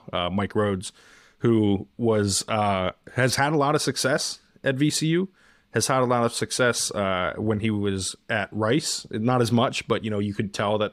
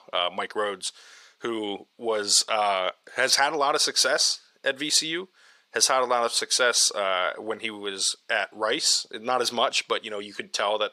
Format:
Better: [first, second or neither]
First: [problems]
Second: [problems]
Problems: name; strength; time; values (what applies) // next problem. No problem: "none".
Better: first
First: none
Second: thin; very; fading below 600 Hz